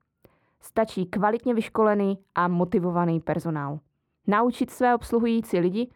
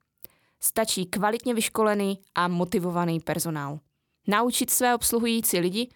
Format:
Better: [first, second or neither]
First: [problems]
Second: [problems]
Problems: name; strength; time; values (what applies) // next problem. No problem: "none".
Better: second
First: muffled; very; fading above 3 kHz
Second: none